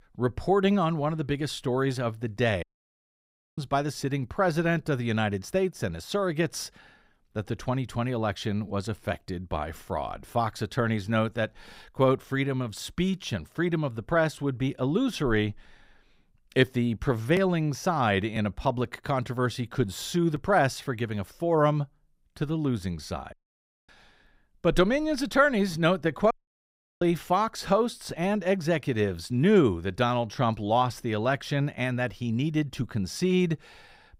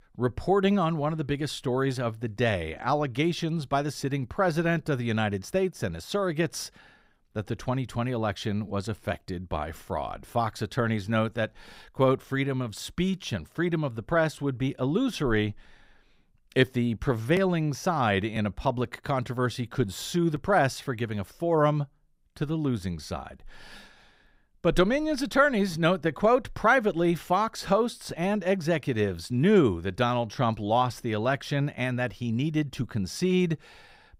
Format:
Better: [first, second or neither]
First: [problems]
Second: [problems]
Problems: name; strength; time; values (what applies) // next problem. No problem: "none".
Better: second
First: audio cutting out; at 2.5 s for 1 s, at 23 s for 0.5 s and at 26 s for 0.5 s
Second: none